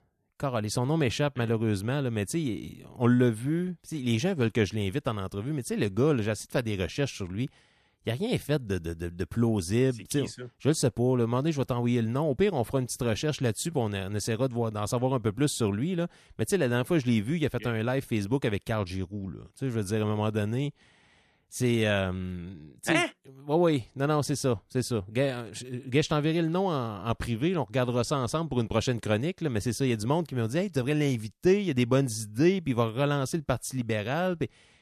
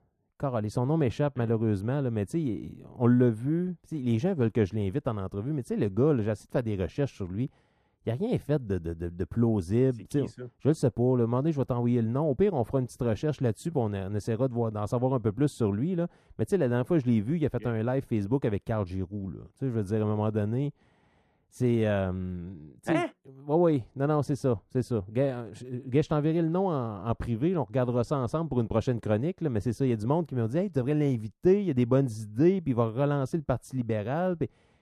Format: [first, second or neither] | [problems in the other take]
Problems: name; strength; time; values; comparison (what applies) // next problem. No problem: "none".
first | muffled; slightly; fading above 1.5 kHz